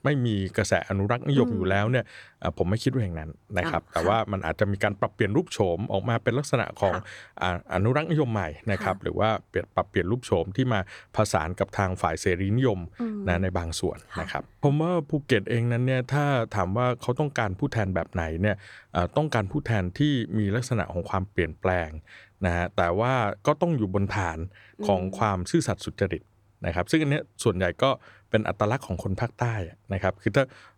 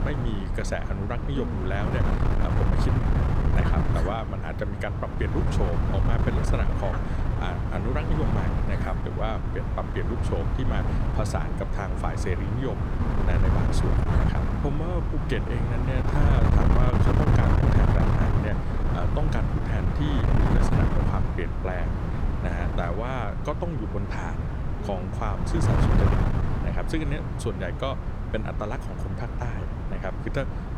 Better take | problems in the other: first | wind noise on the microphone; heavy; as loud as the speech

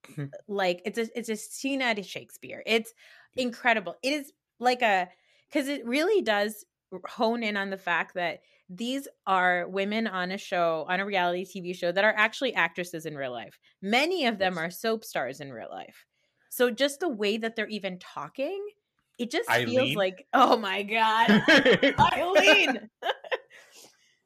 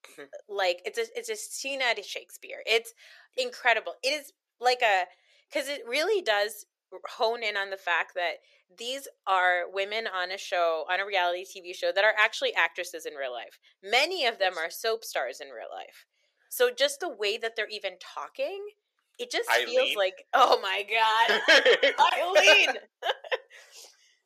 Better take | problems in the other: first | thin; very; fading below 450 Hz

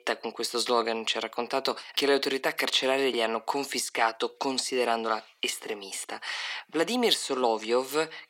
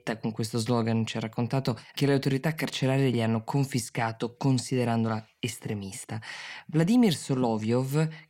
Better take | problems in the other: second | thin; very; fading below 350 Hz

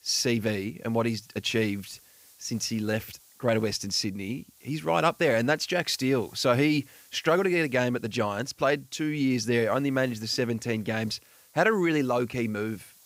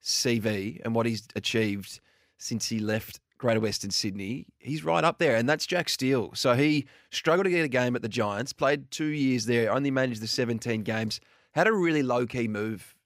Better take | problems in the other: second | hiss; faint; throughout; 25 dB below the speech

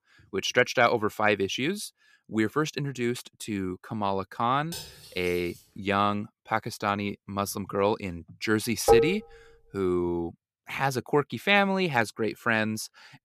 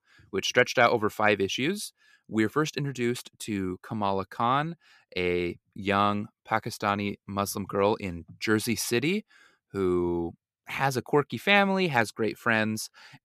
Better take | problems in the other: second | clattering dishes; faint; at 4.5 s; peak 10 dB below the speech // clattering dishes; loud; at 9 s; peak 6 dB above the speech

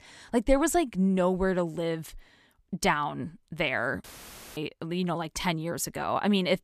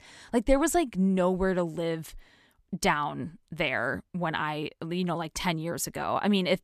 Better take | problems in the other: second | audio cutting out; filled with static; at 4 s for 0.5 s

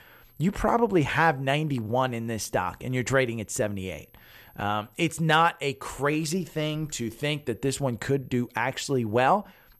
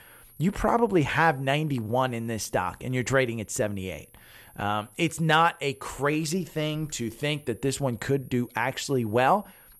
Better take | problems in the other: first | high-pitched whine; faint; throughout; 11.5 kHz, 30 dB below the speech

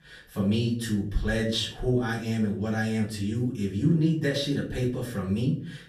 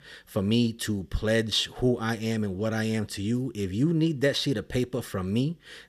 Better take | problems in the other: second | off-mic speech; far // room echo; slight; dies away in 0.4 s

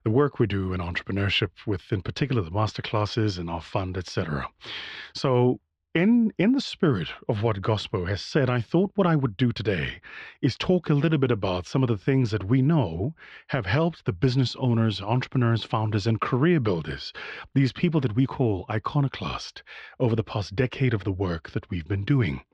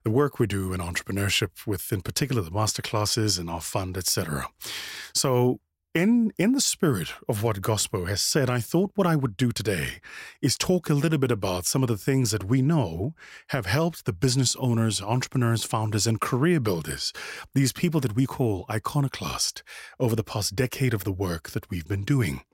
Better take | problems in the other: second | muffled; slightly; fading above 3.5 kHz

